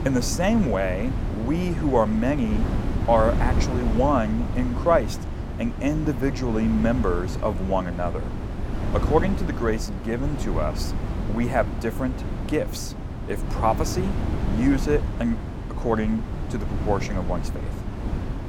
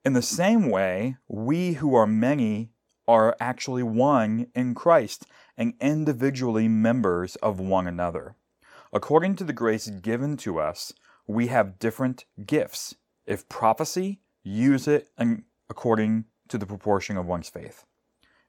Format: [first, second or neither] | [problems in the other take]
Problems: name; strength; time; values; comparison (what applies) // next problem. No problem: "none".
second | wind noise on the microphone; heavy; 10 dB below the speech